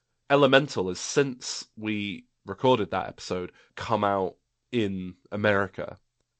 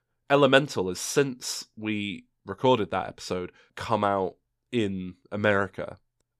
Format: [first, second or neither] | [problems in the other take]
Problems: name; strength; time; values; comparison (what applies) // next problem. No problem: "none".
second | garbled, watery; slightly; nothing above 8 kHz